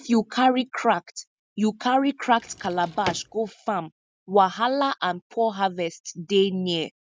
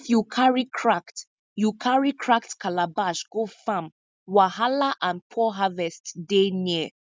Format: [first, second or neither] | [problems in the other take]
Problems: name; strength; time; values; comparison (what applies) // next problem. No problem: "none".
second | background sound (Drawer open or close); 13 dB below the speech